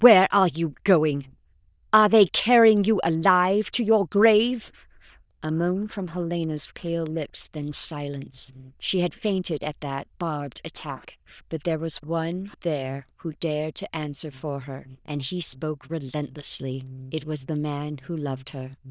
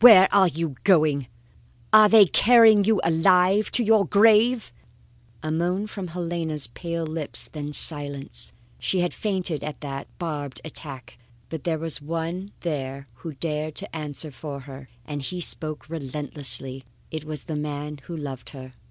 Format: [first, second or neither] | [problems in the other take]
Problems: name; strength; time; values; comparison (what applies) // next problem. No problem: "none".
second | noise reduction (neural diffusion model UNIVERSE++)